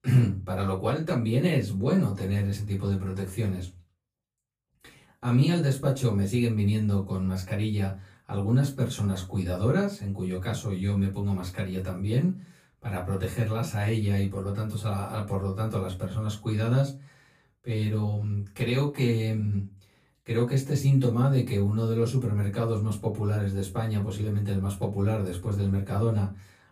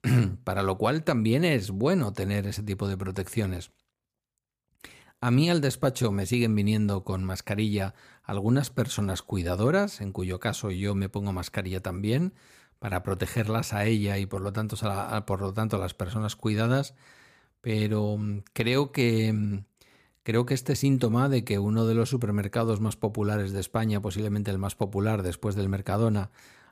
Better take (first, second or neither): second